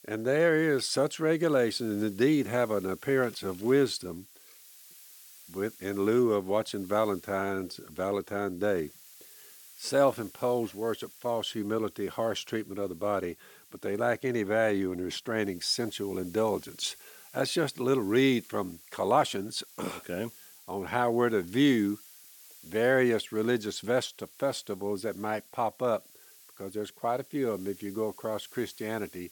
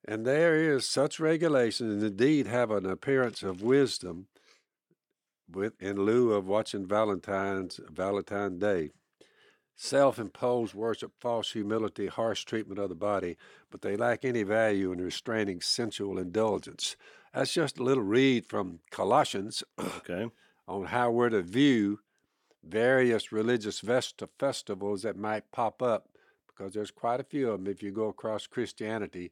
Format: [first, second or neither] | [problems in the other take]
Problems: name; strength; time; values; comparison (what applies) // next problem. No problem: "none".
second | hiss; faint; throughout; 20 dB below the speech